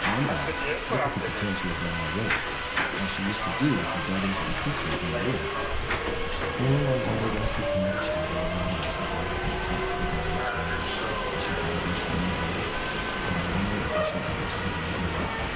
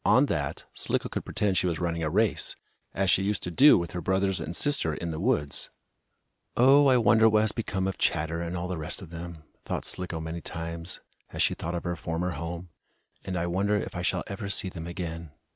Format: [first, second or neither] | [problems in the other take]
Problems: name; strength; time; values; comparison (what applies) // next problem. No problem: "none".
second | background sound (Subway, metro, underground); 3 dB above the speech // room echo; dies away in 0.5 s